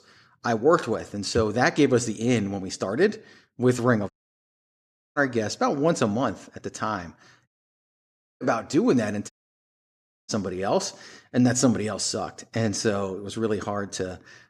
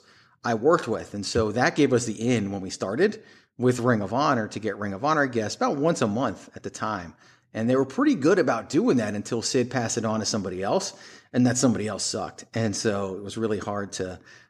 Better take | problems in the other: second | audio cutting out; at 4 s for 1 s, at 7.5 s for 1 s and at 9.5 s for 1 s

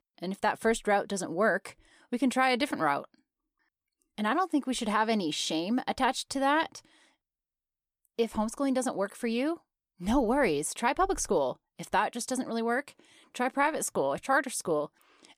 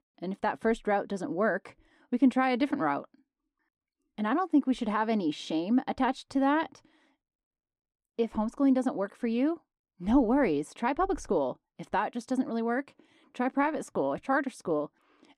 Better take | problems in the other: first | muffled; slightly; fading above 2 kHz

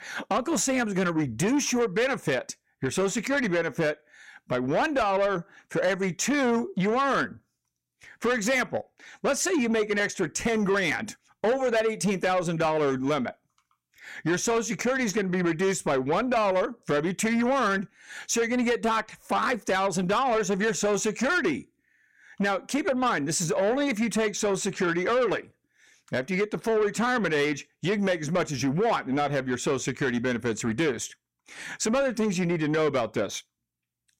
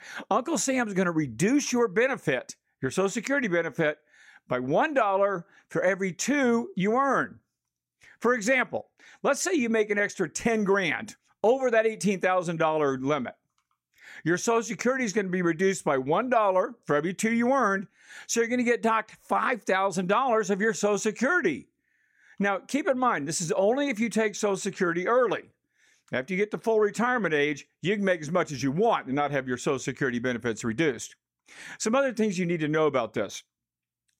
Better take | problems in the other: second | distortion; slight; 10 dB below the speech

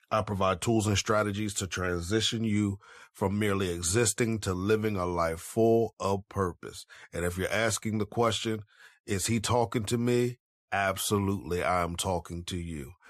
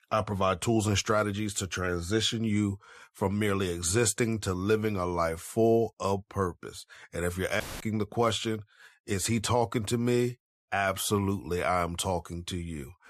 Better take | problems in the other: first | audio cutting out; filled with static; at 7.5 s

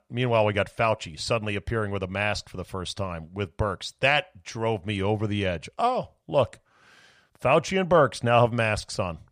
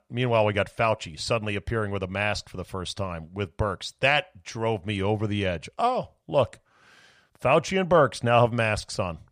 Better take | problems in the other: neither | none

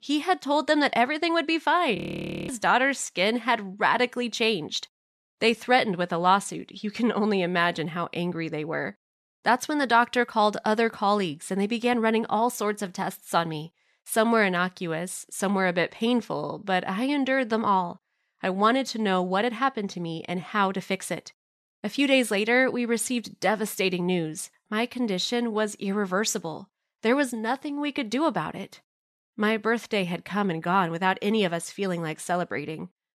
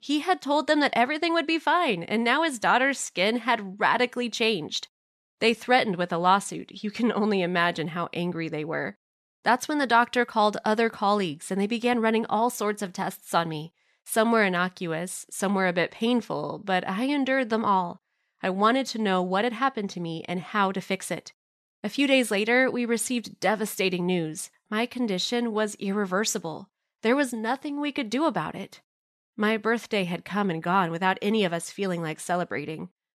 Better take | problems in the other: second | audio freezing; at 2 s for 0.5 s

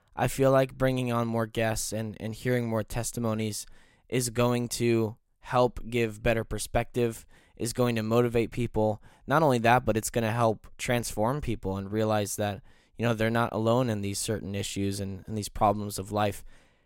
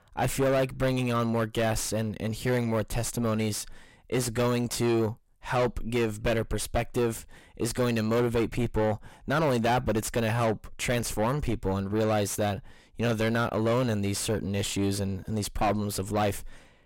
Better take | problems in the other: first | distortion; heavy; 6 dB below the speech

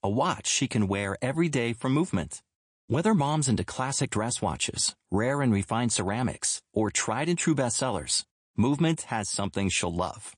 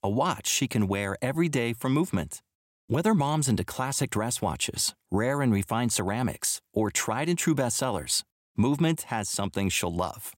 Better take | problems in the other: second | garbled, watery; slightly; nothing above 9 kHz

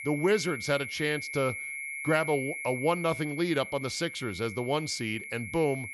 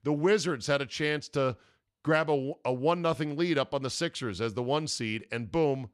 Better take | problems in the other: second | high-pitched whine; loud; throughout; 2 kHz, 7 dB below the speech

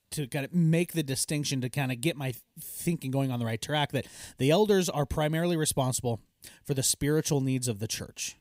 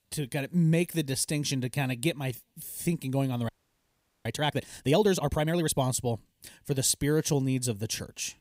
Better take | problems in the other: first | audio freezing; at 3.5 s for 1 s

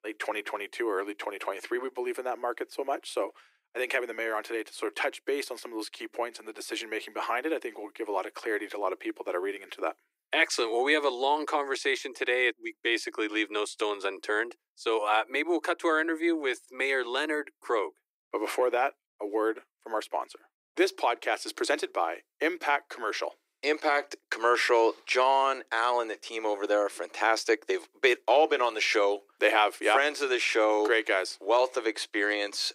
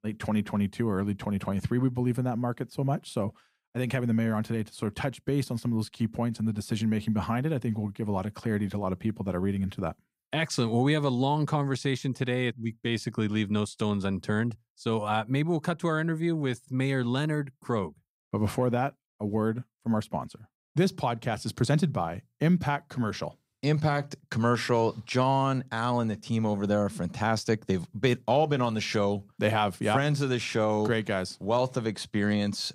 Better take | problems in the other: second | thin; very; fading below 300 Hz

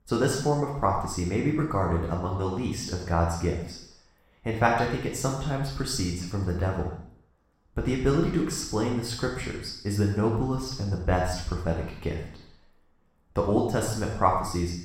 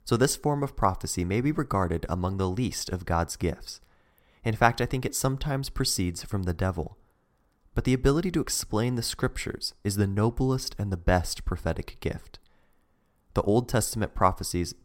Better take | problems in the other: second | room echo; noticeable; dies away in 0.7 s // off-mic speech; far

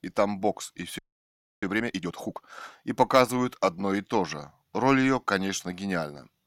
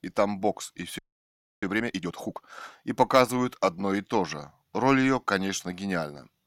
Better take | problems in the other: neither | audio freezing; at 1 s for 0.5 s; the same in both

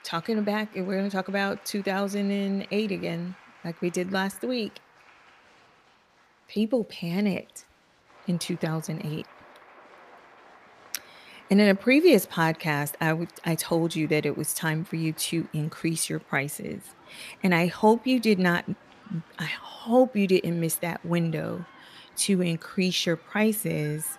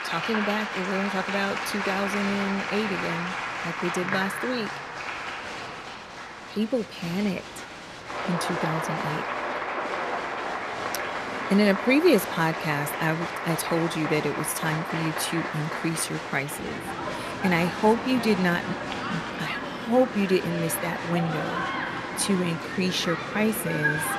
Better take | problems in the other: first | crowd noise; loud; throughout; 4 dB below the speech; faint in the first

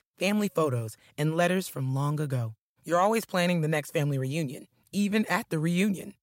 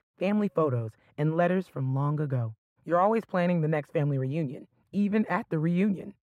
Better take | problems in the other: first | muffled; very; fading above 3 kHz

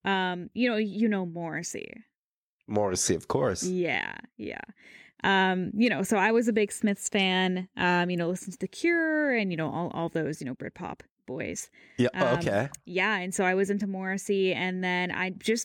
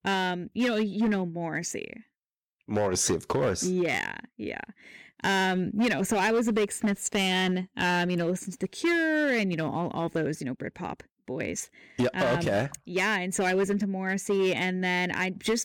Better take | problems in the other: first | distortion; slight; 8% of the sound clipped

